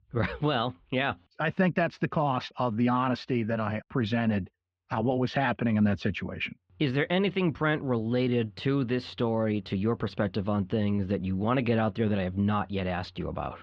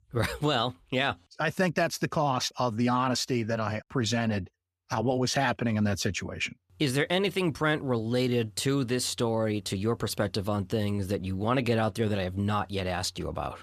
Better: second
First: muffled; slightly; fading above 3.5 kHz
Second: none

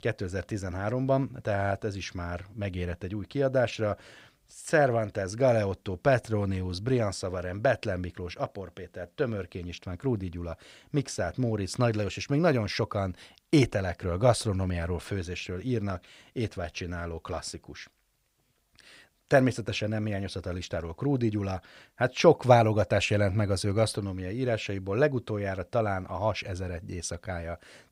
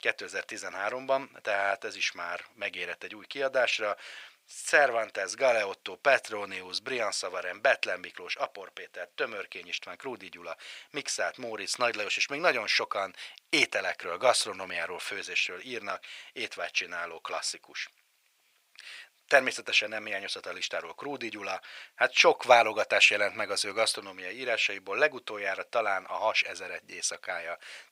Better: first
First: none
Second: thin; very; fading below 750 Hz

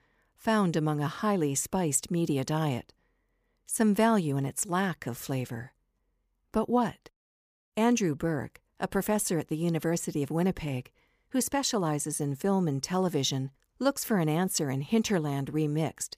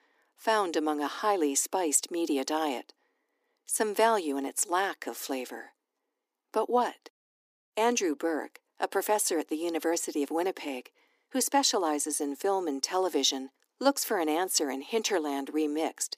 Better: first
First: none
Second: thin; somewhat; fading below 250 Hz

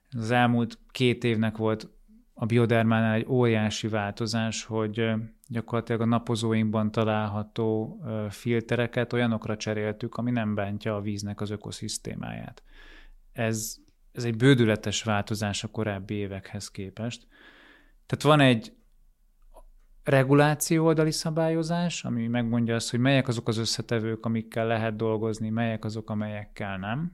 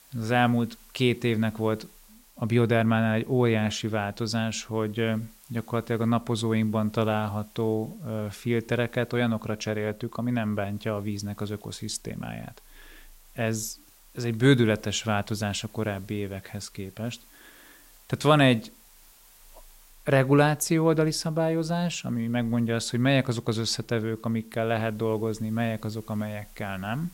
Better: first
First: none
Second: hiss; faint; throughout; 25 dB below the speech

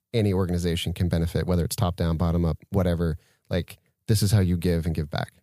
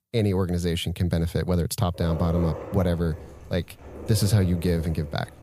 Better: first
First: none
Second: dog barking; noticeable; from 2 s on; peak 9 dB below the speech

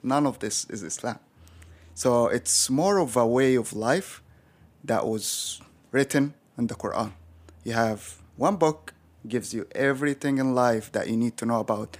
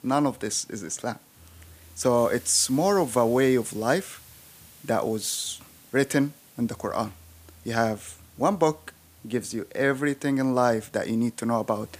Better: first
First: none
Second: hiss; faint; throughout; 25 dB below the speech

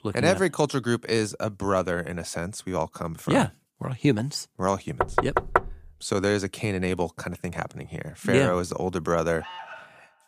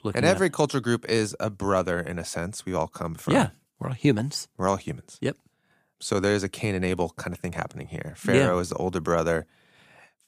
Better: second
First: door banging; loud; at 5 s; peak 2 dB above the speech // alarm; faint; at 9.5 s; peak 10 dB below the speech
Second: none

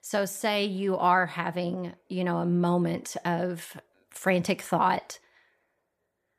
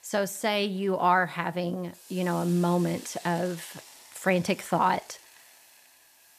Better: first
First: none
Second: hiss; faint; throughout; 20 dB below the speech

